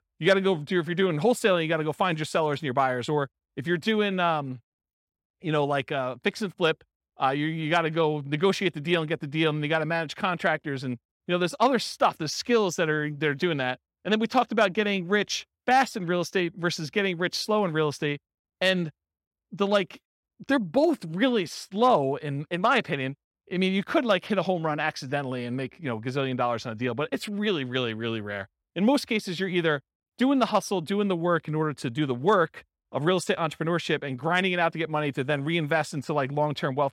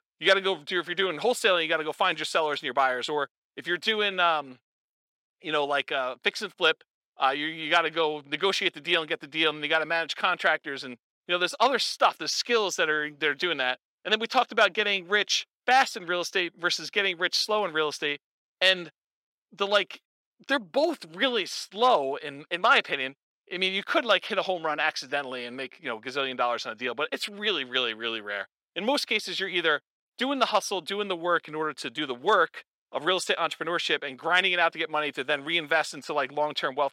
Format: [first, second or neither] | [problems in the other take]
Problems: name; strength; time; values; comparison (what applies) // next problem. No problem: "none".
first | thin; somewhat; fading below 400 Hz